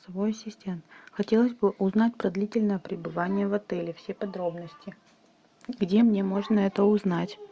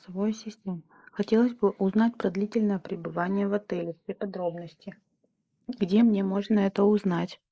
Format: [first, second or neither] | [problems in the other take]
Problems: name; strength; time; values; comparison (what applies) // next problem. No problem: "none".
first | noise reduction (neural mask model Resemble Enhance denoiser)